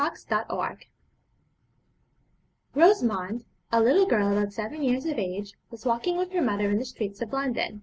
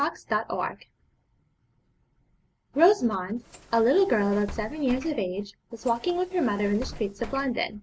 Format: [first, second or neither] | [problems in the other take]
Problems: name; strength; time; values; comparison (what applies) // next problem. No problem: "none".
first | background sound (Bus); 15 dB below the speech